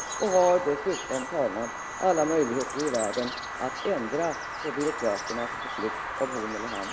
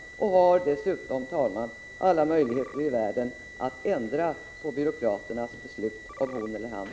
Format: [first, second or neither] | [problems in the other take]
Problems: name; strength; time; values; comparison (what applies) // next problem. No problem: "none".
second | background sound (Bird vocalization, bird call, bird song); 7 dB below the speech